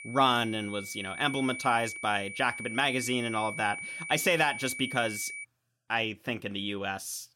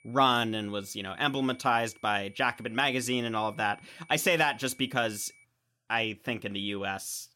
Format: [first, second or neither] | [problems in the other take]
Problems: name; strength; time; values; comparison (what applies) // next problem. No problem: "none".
second | high-pitched whine; loud; until 5.5 s; 2.5 kHz, 8 dB below the speech; faint in the second